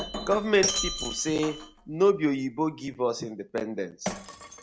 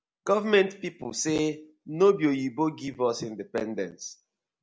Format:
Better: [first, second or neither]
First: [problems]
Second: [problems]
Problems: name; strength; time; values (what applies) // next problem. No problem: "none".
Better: second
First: background sound (Shatter); 8 dB below the speech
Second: none